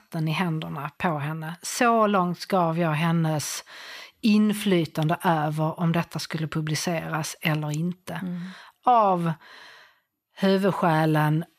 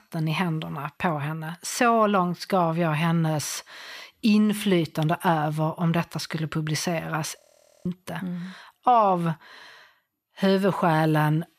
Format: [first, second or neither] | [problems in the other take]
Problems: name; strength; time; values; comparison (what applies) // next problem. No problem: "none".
first | audio freezing; at 7.5 s